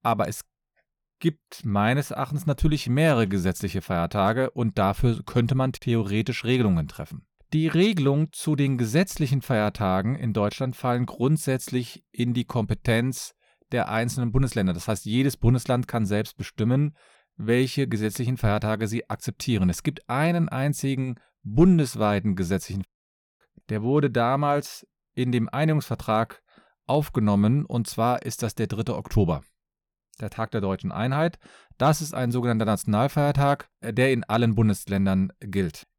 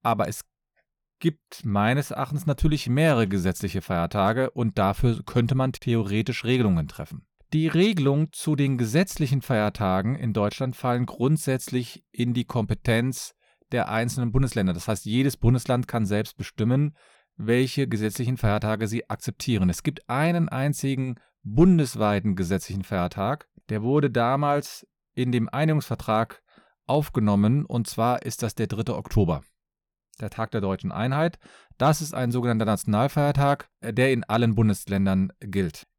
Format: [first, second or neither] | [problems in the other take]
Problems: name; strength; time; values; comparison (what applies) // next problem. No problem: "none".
second | audio cutting out; at 23 s for 0.5 s